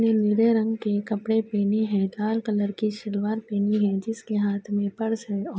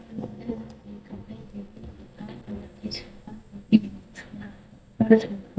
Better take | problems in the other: first | noise reduction (neural mask model DeepFilterNet 3)

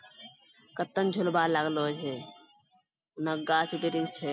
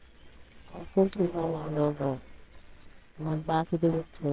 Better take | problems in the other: first | noise reduction (neural separator model SepFormer WHAMR!)

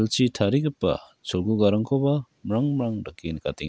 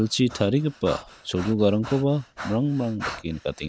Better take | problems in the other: first | background sound (Breathing); 15 dB below the speech

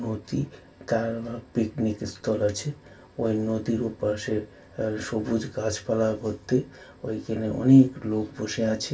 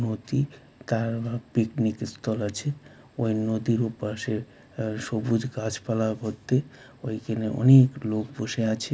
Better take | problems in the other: second | room echo; dies away in 0.2 s

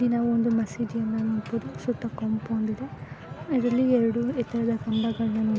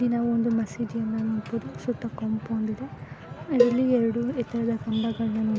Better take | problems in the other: first | background sound (Cowbell); 2 dB below the speech

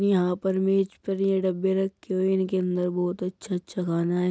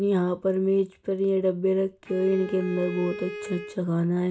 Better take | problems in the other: first | background sound (Bowed string instrument); 12 dB below the speech // room echo; dies away in 0.2 s

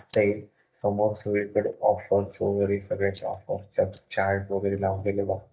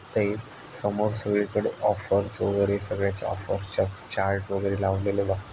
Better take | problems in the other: second | noise reduction (neural mask model DeepFilterNet 3)

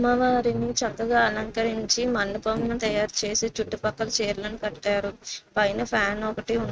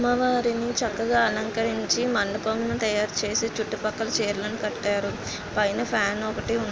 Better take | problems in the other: second | noise reduction (neural mask model RNNoise)

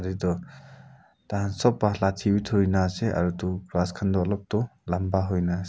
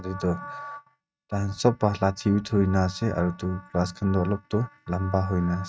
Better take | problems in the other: first | noise reduction (neural mask model RNNoise)

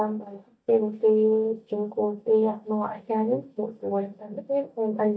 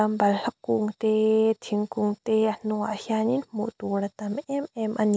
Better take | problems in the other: second | noise reduction (neural mask model DeepFilterNet 3)

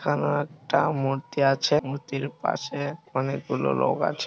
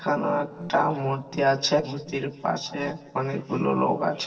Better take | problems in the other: first | noise reduction (neural separator model SepFormer DNS4)

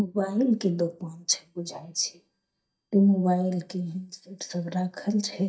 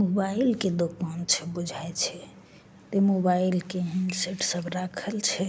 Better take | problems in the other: second | noise reduction (neural mask model DeepFilterNet 3)

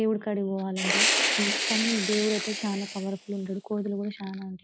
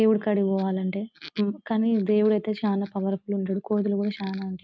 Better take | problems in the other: second | background sound (Fire); 1 dB above the speech

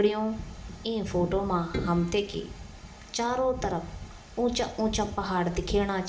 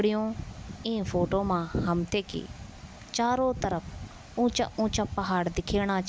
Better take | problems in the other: second | background sound (Keyboard (musical)); 16 dB below the speech // room echo; dies away in 0.6 s

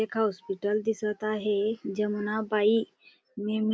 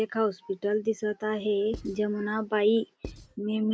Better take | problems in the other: first | background sound (Writing); 16 dB below the speech

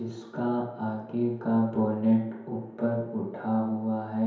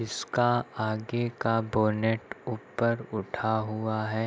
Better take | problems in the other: second | room echo; dies away in 0.9 s

